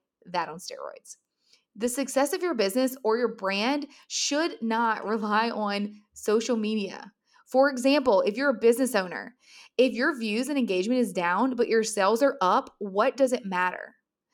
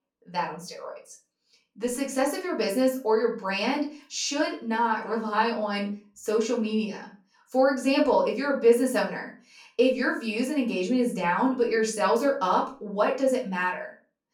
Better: first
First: none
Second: off-mic speech; far // room echo; slight; dies away in 0.3 s

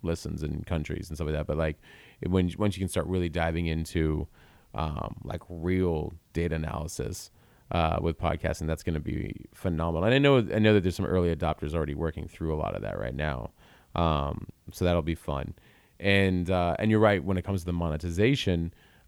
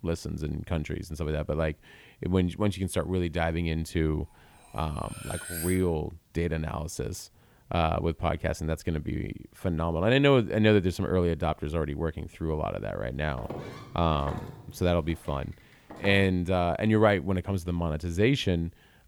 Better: first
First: none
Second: clattering dishes; noticeable; from 4.5 to 6 s; peak 6 dB below the speech // footsteps; faint; from 13 to 16 s; peak 10 dB below the speech

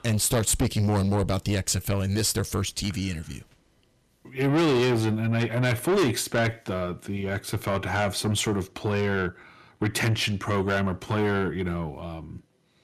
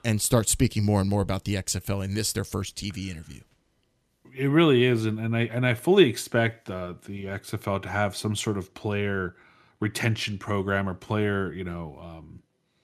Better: second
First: distortion; heavy; 6 dB below the speech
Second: none

